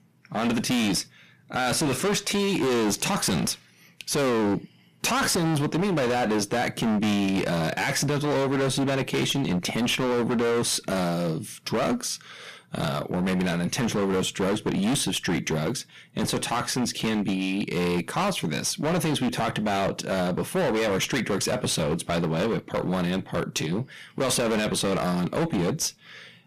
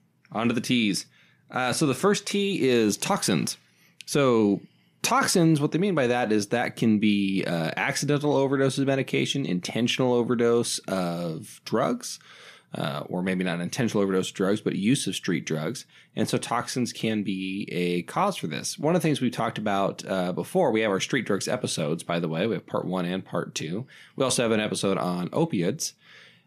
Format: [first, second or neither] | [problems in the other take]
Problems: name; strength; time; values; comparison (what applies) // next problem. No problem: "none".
second | distortion; heavy; 25% of the sound clipped